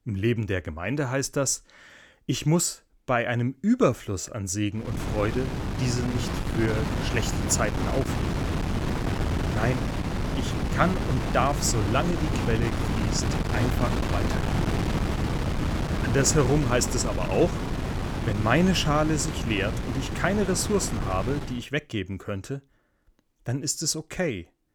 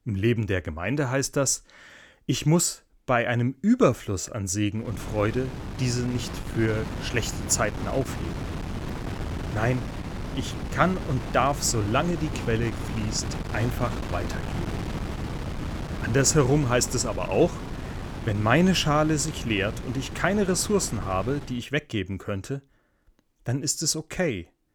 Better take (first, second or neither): second